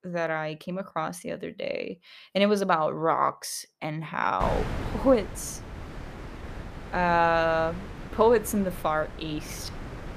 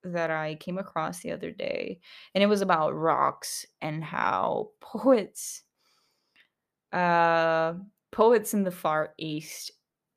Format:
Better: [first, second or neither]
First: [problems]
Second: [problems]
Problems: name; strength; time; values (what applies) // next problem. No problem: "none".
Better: second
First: wind noise on the microphone; occasional gusts; from 4.5 s on; 15 dB below the speech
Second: none